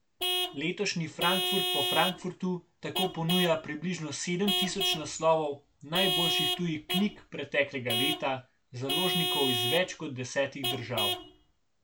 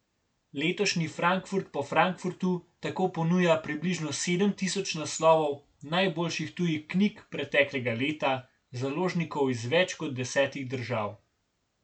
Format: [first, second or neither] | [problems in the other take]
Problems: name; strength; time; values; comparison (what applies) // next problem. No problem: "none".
second | background sound (Vehicle horn, car horn, honking / Truck); 1 dB below the speech